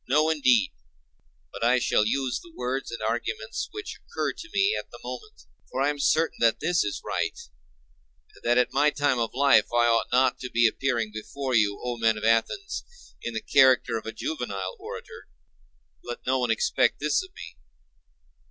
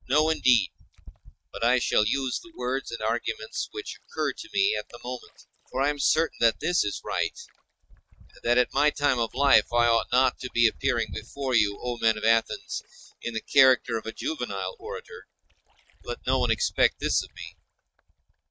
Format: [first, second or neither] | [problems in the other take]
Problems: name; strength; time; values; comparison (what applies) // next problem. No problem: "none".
first | noise reduction (neural mask model RNNoise)